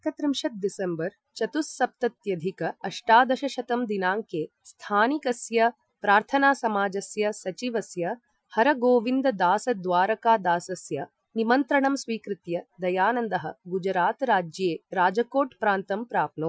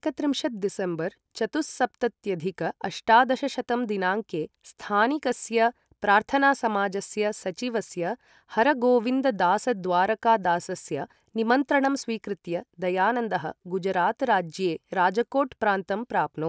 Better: second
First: noise reduction (classical method Wiener filter)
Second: none

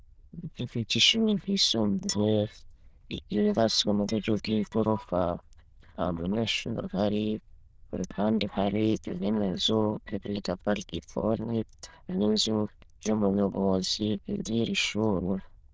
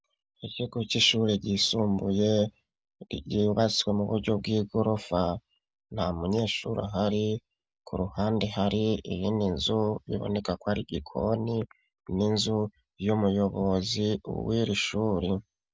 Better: second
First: noise reduction (neural diffusion model UNIVERSE++)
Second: none

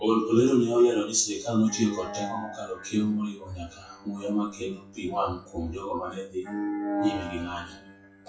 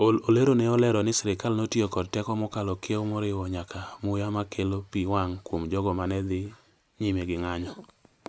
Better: second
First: noise reduction (classical method WPE with log-MMSE)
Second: none

